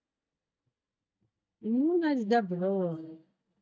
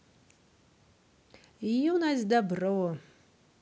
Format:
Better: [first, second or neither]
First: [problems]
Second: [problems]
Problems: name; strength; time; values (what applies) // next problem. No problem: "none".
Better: second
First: noise reduction (neural mask model DeepFilterNet 3)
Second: none